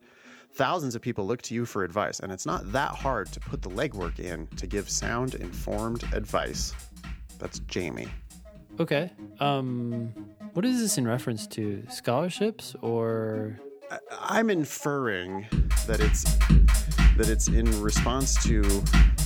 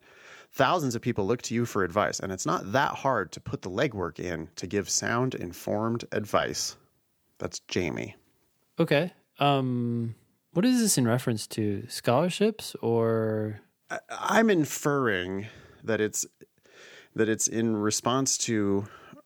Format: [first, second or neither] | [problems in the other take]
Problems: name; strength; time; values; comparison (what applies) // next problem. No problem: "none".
second | background music; very loud; throughout; 3 dB above the speech